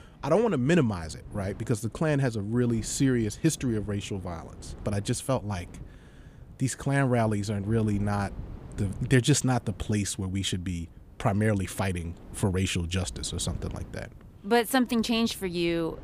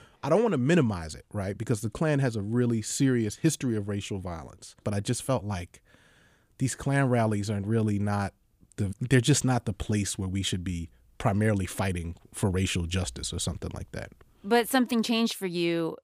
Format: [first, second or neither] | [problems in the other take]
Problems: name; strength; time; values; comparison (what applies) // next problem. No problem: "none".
second | wind noise on the microphone; occasional gusts; 25 dB below the speech